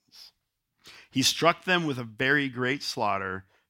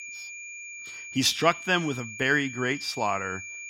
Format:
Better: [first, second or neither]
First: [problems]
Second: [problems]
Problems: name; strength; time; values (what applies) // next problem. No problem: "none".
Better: first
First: none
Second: high-pitched whine; noticeable; throughout; 2.5 kHz, 10 dB below the speech